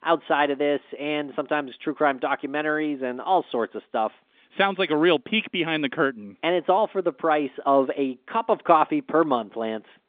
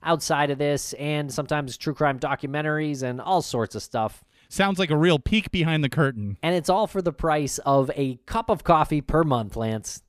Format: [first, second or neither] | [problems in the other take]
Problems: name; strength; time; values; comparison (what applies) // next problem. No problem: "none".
second | phone-call audio; nothing above 3.5 kHz